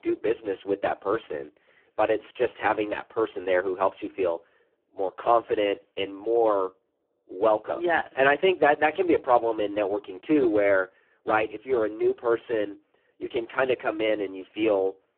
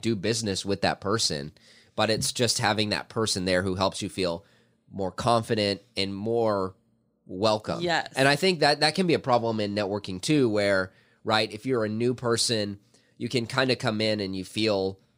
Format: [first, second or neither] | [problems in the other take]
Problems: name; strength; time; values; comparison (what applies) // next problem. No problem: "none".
second | phone-call audio; poor line